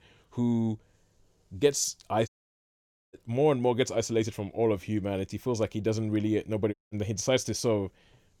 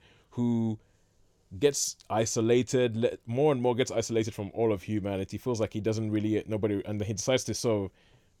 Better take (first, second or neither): second